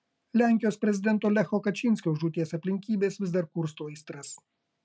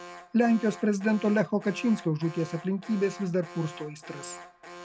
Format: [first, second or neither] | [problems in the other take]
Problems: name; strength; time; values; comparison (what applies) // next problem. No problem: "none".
first | background sound (Alarm); 17 dB below the speech